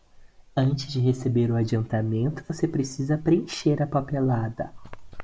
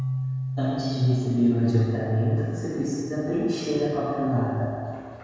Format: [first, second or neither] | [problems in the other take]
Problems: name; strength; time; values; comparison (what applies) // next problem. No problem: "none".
first | background sound (Keyboard (musical)); 10 dB below the speech // room echo; dies away in 1.8 s